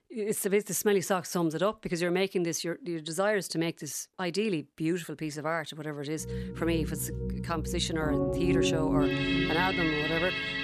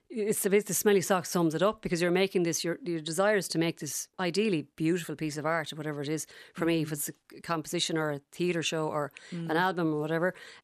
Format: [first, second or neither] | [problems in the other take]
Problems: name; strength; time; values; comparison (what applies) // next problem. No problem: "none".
second | background music; very loud; from 6 s on; 1 dB above the speech